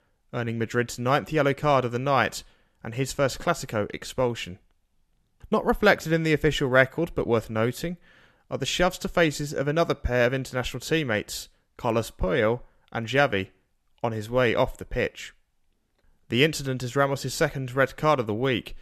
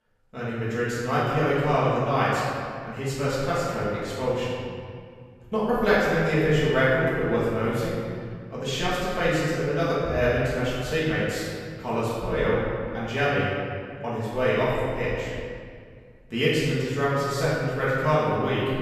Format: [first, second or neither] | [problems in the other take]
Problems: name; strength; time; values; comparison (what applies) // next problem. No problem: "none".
first | off-mic speech; far // room echo; strong; dies away in 2 s